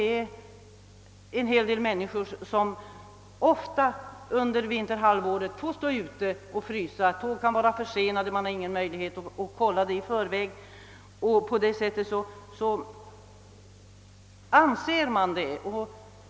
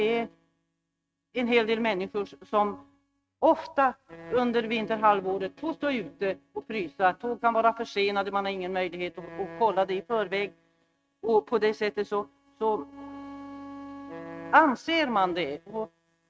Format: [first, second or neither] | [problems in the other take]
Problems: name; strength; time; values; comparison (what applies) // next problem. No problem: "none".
first | noise reduction (neural mask model RNNoise)